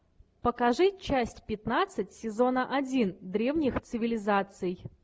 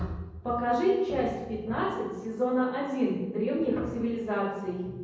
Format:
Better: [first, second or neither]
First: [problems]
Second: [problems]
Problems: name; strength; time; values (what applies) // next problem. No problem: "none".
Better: first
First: none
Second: room echo; dies away in 1.1 s